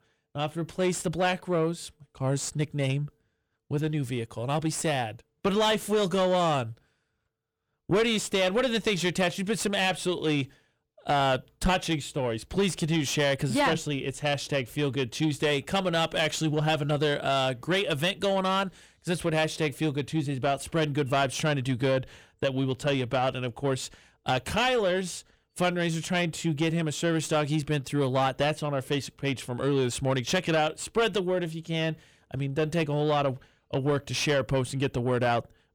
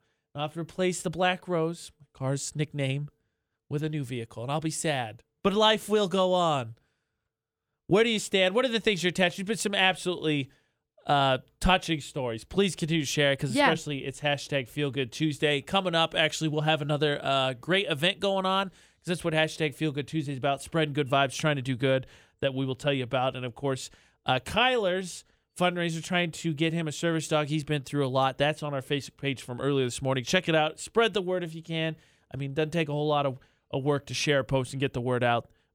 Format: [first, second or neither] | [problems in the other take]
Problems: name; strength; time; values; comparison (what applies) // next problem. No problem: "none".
second | distortion; slight; 10 dB below the speech